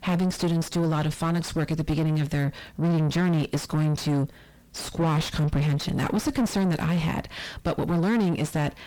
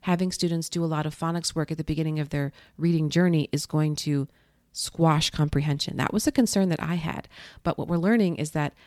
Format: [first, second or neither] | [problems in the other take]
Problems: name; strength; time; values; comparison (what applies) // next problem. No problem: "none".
second | distortion; heavy; 4 dB below the speech